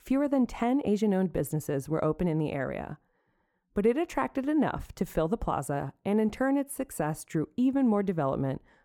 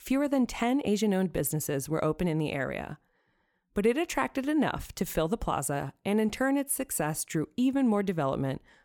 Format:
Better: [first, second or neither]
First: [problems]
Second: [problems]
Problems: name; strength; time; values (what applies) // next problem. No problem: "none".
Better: second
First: muffled; slightly; fading above 2 kHz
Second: none